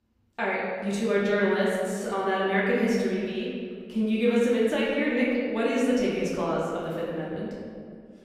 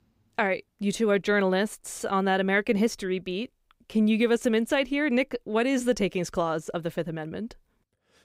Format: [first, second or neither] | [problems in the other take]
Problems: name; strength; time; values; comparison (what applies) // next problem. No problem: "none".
second | room echo; noticeable; dies away in 1.8 s // off-mic speech; far